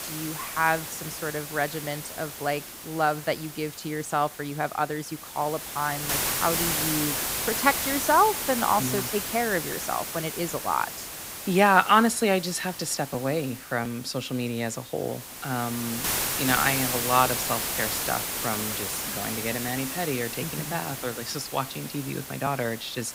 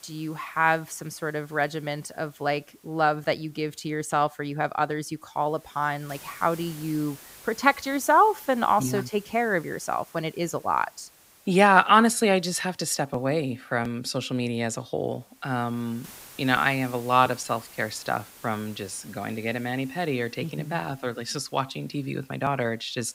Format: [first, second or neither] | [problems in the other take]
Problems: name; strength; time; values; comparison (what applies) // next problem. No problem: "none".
second | hiss; loud; throughout; 2 dB below the speech; faint in the second